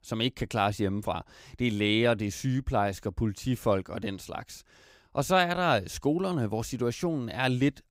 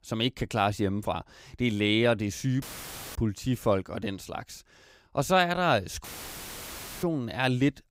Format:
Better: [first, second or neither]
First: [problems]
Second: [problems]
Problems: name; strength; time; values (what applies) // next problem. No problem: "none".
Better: first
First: none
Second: audio cutting out; filled with static; at 2.5 s for 0.5 s and at 6 s for 1 s